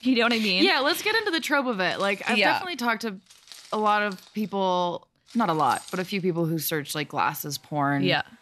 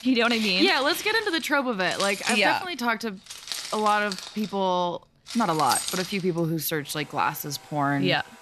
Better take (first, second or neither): first